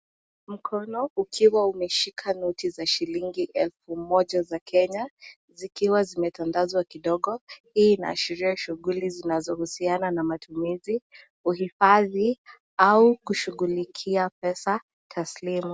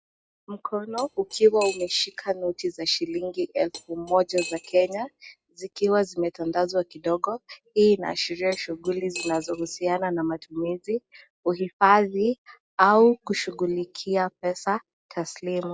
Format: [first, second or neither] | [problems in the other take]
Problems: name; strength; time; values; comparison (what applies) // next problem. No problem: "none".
first | noise reduction (classical method log-MMSE)